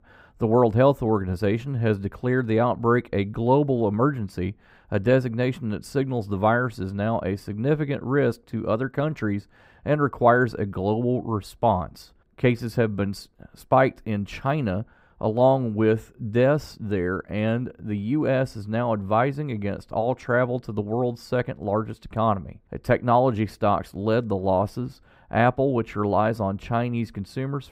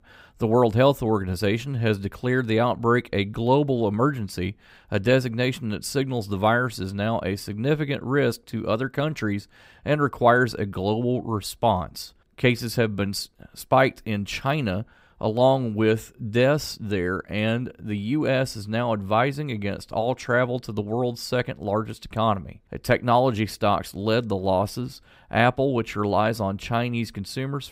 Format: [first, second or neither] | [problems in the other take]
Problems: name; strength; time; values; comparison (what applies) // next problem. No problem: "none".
second | muffled; slightly; fading above 2 kHz